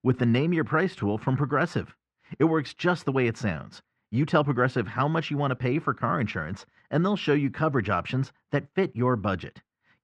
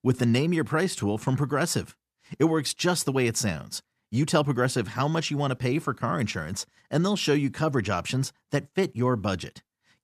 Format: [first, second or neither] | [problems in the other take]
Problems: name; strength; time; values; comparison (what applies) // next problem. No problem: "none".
second | muffled; very; fading above 2 kHz